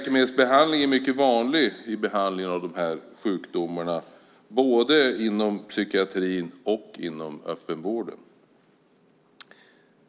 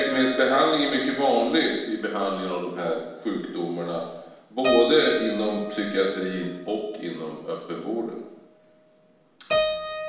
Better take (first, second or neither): first